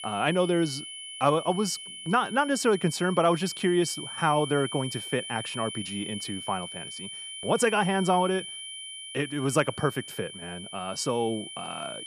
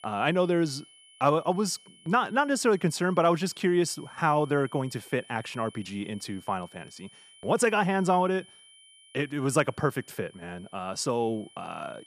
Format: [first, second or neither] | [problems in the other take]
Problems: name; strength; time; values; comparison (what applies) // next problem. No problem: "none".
second | high-pitched whine; loud; throughout; 3 kHz, 10 dB below the speech; faint in the second